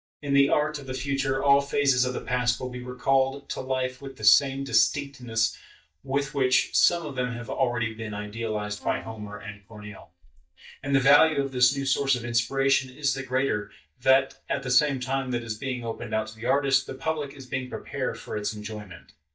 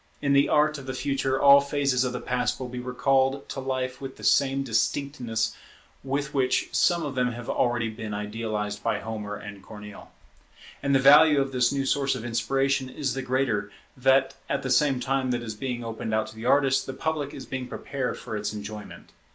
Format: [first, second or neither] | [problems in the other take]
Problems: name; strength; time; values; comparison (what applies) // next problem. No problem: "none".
second | noise reduction (neural mask model DeepFilterNet 3)